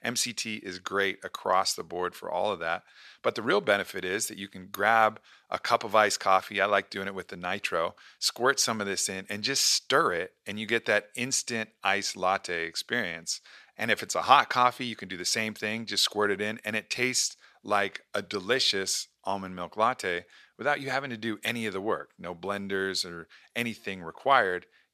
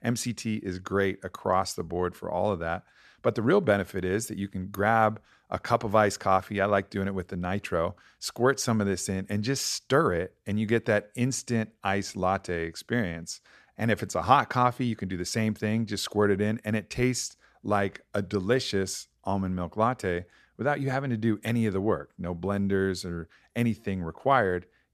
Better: second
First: thin; somewhat; fading below 900 Hz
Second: none

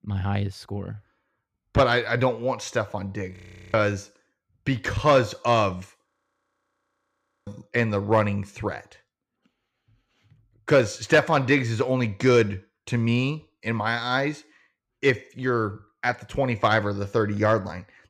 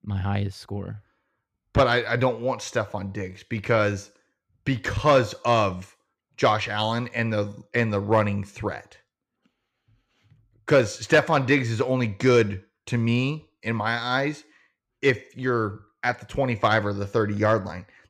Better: second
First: audio freezing; at 3.5 s and at 6 s for 1.5 s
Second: none

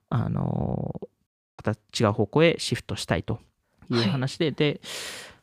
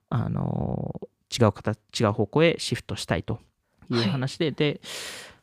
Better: second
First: audio cutting out; at 1.5 s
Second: none

